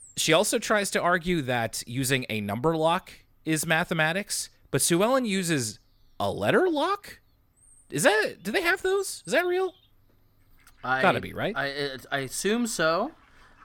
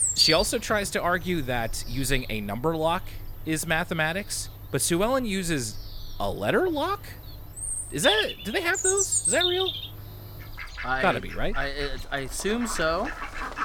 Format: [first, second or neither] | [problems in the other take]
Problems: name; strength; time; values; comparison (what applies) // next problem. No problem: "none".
first | animal sounds; loud; throughout; 2 dB below the speech; faint in the first